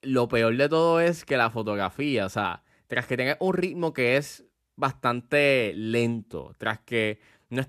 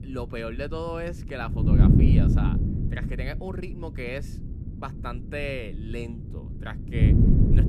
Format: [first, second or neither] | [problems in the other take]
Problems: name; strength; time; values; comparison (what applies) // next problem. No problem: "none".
first | wind noise on the microphone; heavy; 3 dB above the speech